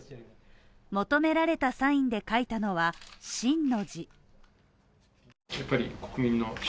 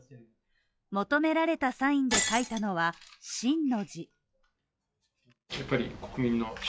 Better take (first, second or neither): first